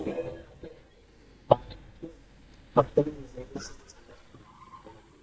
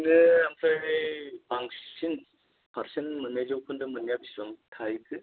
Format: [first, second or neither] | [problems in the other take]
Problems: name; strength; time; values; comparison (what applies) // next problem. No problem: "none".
second | noise reduction (neural mask model DeepFilterNet 3)